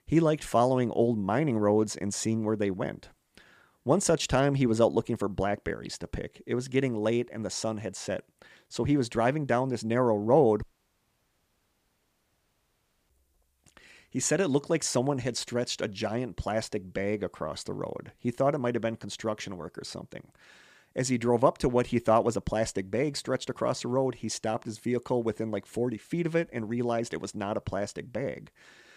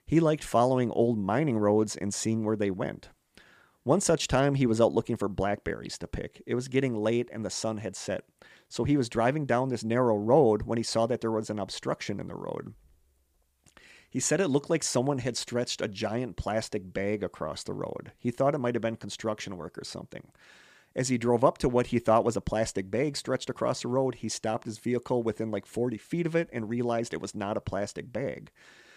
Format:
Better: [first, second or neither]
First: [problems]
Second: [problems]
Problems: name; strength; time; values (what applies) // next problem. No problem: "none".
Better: second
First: audio cutting out; at 11 s for 2.5 s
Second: none